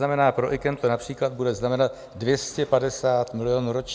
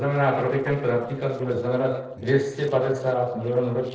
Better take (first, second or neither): first